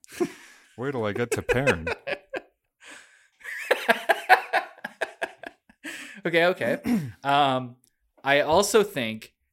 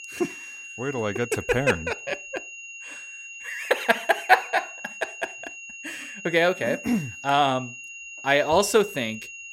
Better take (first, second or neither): first